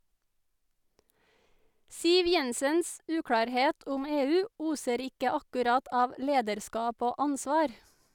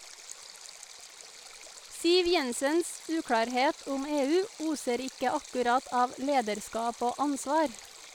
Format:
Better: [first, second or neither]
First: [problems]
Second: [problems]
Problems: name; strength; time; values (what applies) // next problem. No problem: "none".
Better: first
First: none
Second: background sound (Stream); 17 dB below the speech